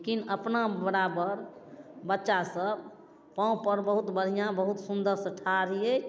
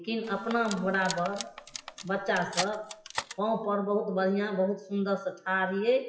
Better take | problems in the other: first | noise reduction (classical method WPE with log-MMSE)

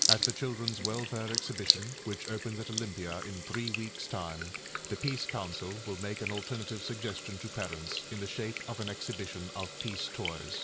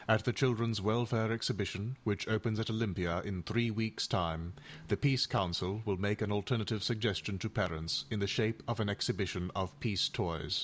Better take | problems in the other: second | background sound (Sink (filling or washing) / Water tap, faucet); 1 dB above the speech

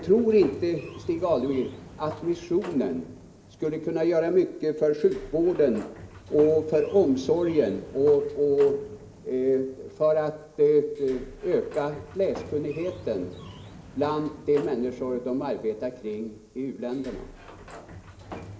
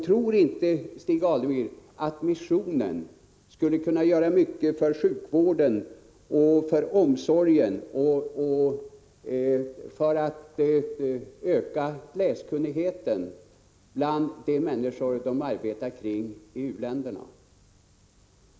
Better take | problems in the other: second | background sound (Sliding door); 18 dB below the speech // room echo; dies away in 0.7 s

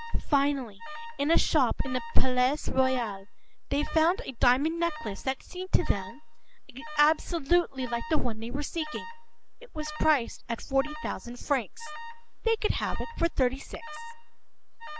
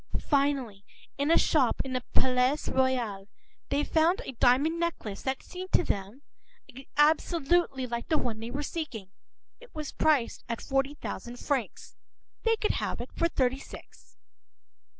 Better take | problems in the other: second | background sound (Alarm); 20 dB below the speech

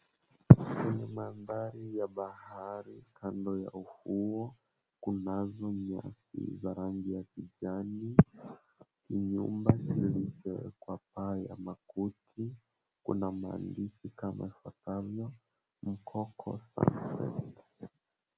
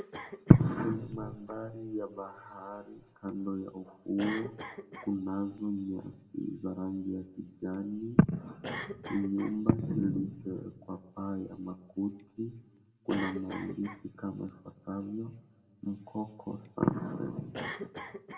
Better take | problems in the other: first | background sound (Cough); 14 dB below the speech // room echo; dies away in 0.9 s

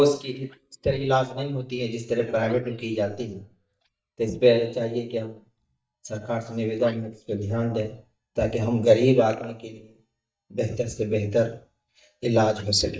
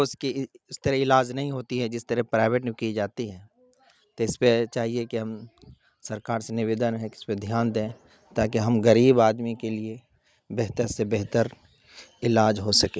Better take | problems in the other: second | noise reduction (neural mask model DeepFilterNet 3)

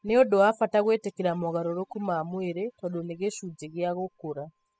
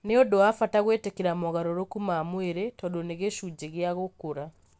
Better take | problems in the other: second | noise reduction (classical method spectral subtraction)

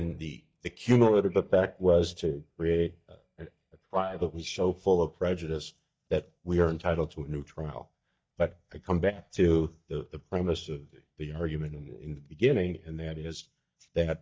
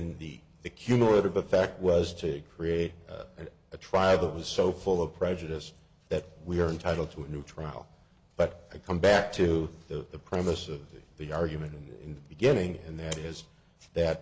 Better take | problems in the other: second | noise reduction (neural mask model DeepFilterNet 3)

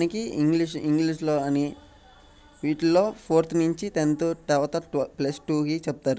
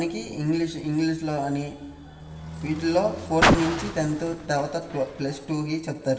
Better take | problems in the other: first | background sound (Car); 4 dB below the speech // room echo; dies away in 1.1 s

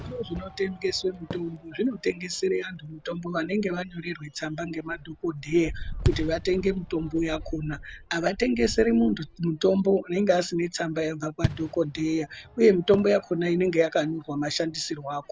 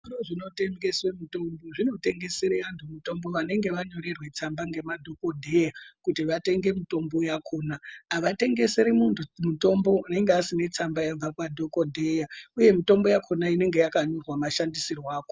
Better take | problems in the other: second | background sound (Fireworks); 12 dB below the speech

